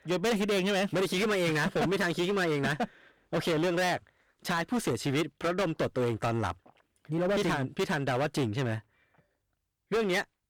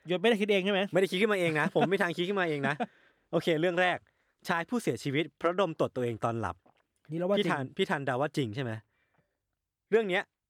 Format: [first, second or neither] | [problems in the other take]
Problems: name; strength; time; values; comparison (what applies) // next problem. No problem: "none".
second | distortion; heavy; 20% of the sound clipped